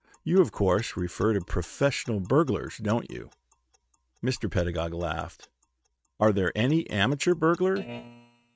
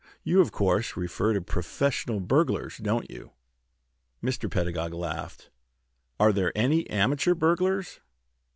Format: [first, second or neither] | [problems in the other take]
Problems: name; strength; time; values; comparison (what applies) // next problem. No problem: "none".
second | noise reduction (neural mask model RNNoise)